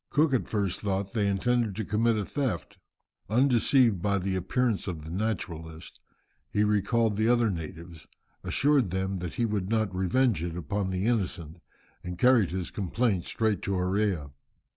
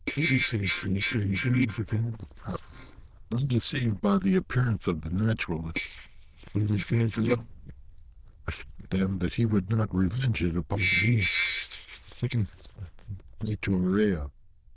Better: first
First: none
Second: noise reduction (neural diffusion model UNIVERSE++)

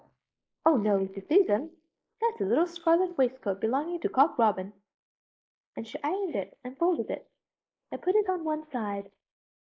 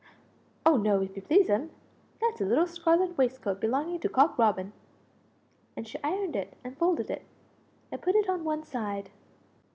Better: second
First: noise reduction (neural mask model Resemble Enhance denoiser)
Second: none

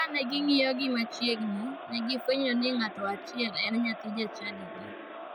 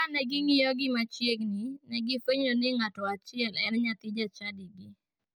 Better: second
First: background sound (Crowd); 11 dB below the speech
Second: none

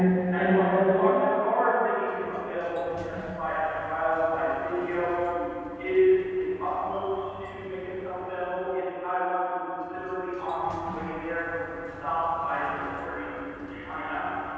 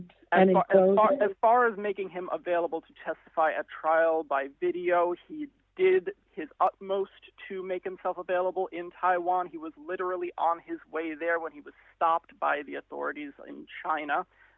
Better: second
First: background sound (Sliding door); 19 dB below the speech // room echo; dies away in 2.1 s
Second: none

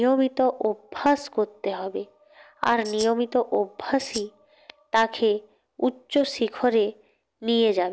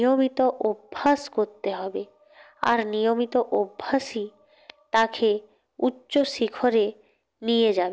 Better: second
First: background sound (Tambourine); 12 dB below the speech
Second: none

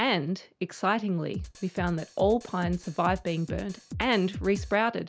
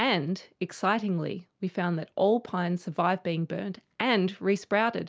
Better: second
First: background sound (Drum kit); 11 dB below the speech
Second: none

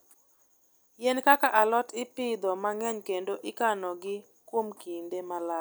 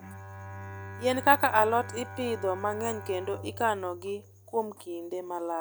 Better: first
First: none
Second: background sound (Bowed string instrument); 13 dB below the speech

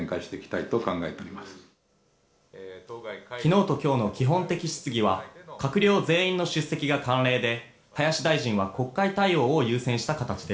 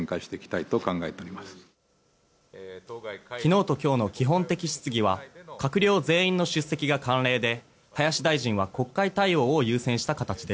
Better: second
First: room echo; dies away in 0.4 s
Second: none

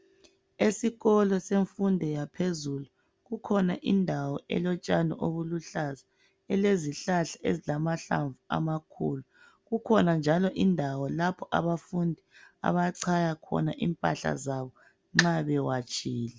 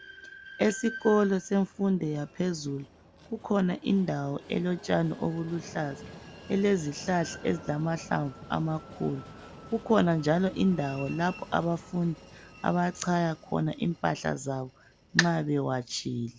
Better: first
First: none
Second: background sound (Train); 18 dB below the speech

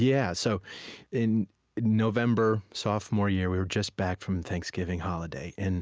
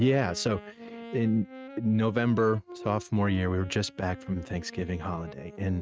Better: first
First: none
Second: noise reduction (neural mask model RNNoise)

